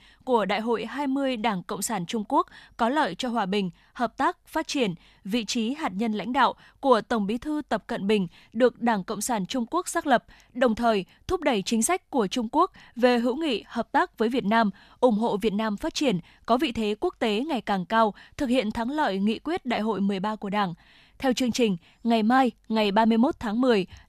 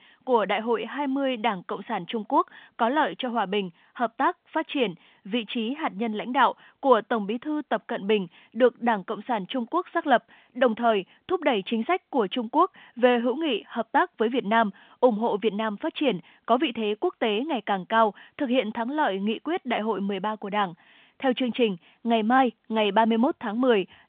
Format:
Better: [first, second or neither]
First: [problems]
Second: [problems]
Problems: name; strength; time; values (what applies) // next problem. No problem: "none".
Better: first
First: none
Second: phone-call audio; nothing above 3.5 kHz